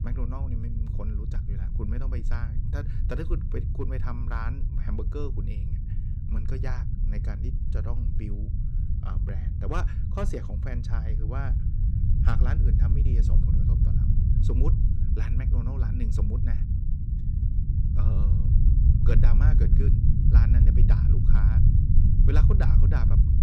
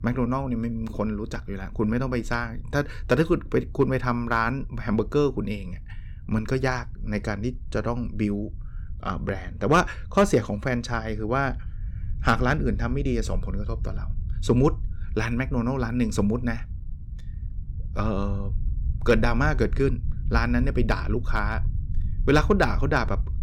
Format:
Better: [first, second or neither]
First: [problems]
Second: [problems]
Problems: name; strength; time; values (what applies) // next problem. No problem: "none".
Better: second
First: low rumble; loud; throughout; as loud as the speech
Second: low rumble; faint; throughout; 25 dB below the speech